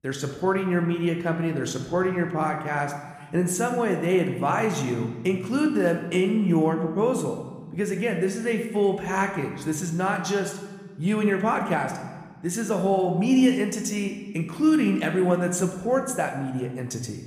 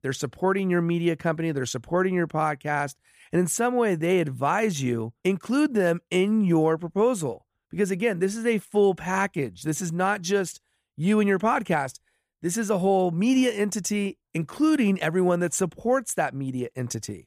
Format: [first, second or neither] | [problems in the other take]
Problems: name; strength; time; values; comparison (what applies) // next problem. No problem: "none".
second | room echo; slight; dies away in 1.2 s